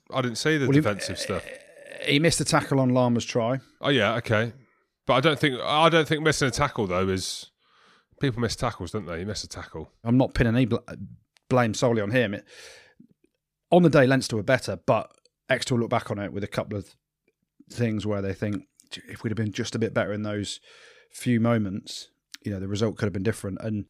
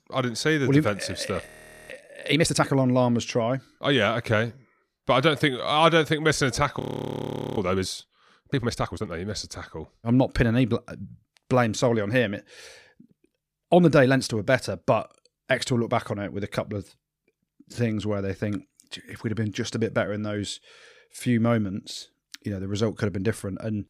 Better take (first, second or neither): first